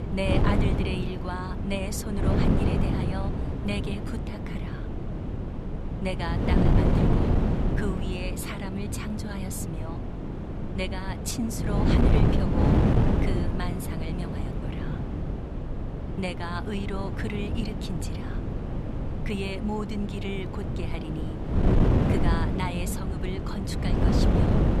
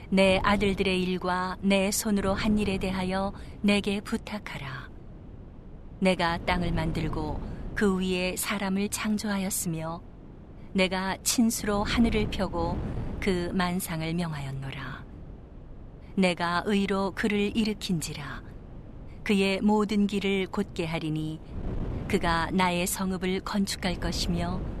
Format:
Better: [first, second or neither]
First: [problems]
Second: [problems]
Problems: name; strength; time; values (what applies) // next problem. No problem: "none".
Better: second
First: wind noise on the microphone; heavy; 1 dB above the speech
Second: wind noise on the microphone; occasional gusts; 20 dB below the speech